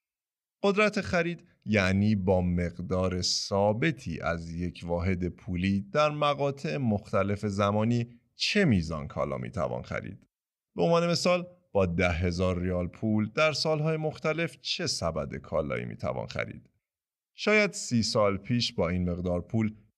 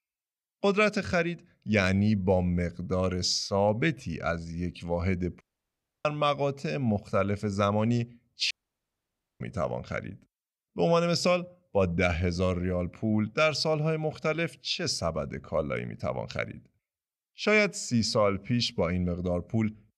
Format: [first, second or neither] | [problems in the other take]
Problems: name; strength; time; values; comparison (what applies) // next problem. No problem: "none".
first | audio cutting out; at 5.5 s for 0.5 s and at 8.5 s for 1 s